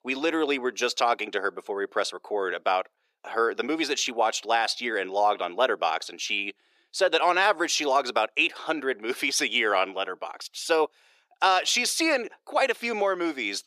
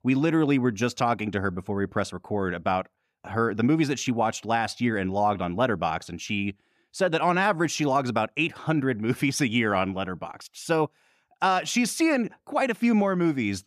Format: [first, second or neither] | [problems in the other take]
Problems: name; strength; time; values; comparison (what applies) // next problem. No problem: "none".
second | thin; very; fading below 400 Hz